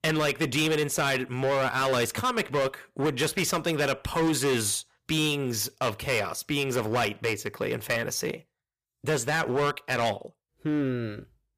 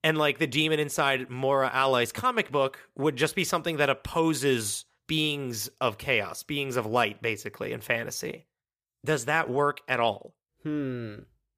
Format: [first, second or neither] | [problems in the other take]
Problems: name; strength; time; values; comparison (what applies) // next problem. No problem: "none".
second | distortion; heavy; 12% of the sound clipped